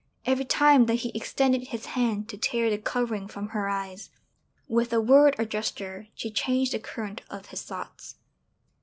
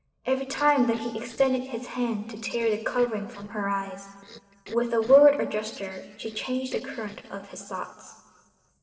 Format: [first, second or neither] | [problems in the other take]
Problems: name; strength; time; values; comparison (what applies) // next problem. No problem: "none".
first | noise reduction (neural separator model SepFormer DNS4)